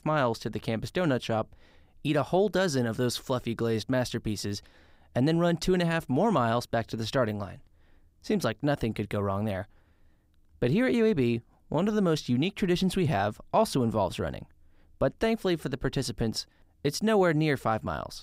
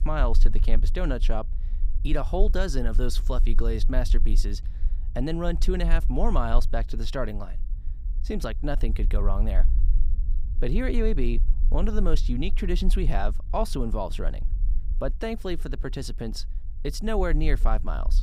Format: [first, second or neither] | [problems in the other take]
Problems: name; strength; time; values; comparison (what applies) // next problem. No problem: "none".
first | low rumble; noticeable; throughout; 20 dB below the speech